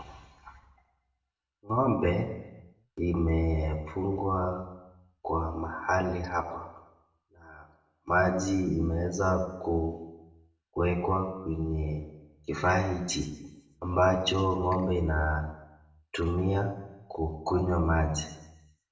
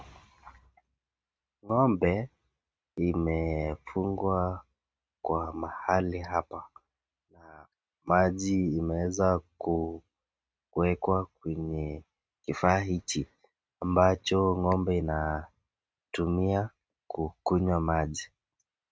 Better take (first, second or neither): second